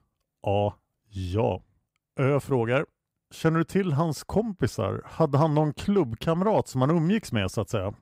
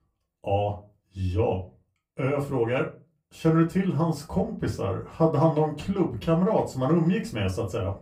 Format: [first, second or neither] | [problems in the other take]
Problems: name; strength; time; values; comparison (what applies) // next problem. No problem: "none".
first | off-mic speech; far // room echo; very slight; dies away in 0.2 s